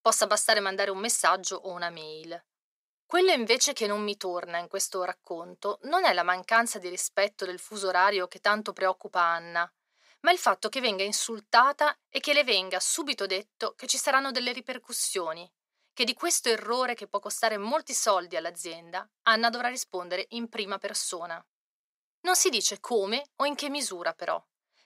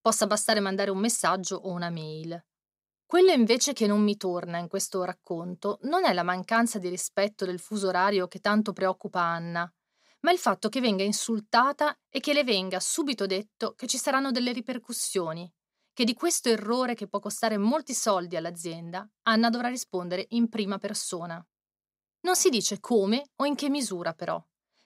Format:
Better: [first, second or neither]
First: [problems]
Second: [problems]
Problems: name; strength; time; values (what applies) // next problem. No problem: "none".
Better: second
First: thin; somewhat; fading below 500 Hz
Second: none